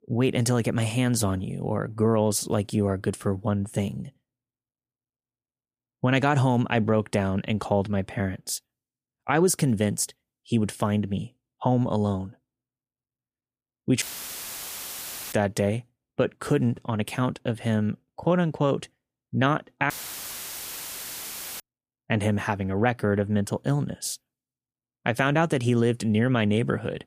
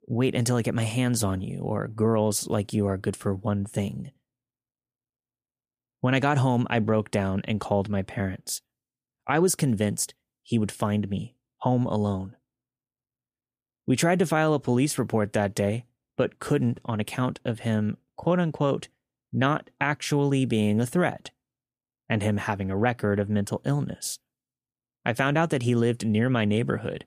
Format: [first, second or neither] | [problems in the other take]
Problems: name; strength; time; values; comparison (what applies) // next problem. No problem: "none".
second | audio cutting out; filled with static; at 14 s for 1.5 s and at 20 s for 1.5 s